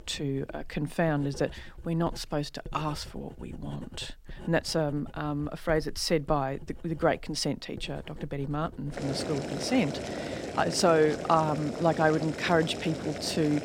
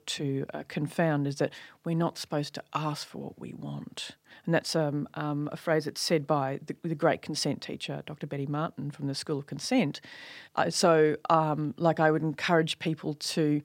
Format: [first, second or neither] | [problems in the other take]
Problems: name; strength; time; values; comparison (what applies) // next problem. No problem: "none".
second | household noises; noticeable; throughout; 10 dB below the speech